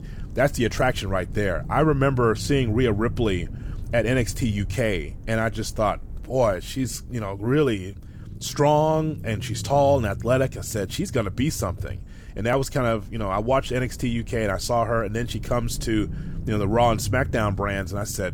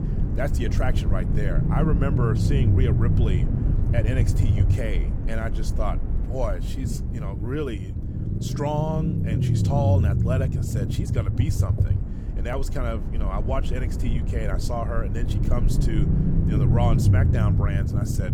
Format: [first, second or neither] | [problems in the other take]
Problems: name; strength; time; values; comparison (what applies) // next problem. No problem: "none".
first | low rumble; loud; throughout; 3 dB below the speech; faint in the first